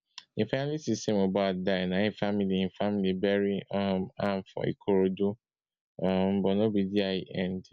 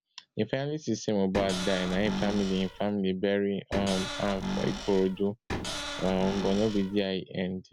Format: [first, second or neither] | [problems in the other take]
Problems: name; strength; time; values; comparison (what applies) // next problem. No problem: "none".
first | background sound (Cupboard open or close / Door); 6 dB below the speech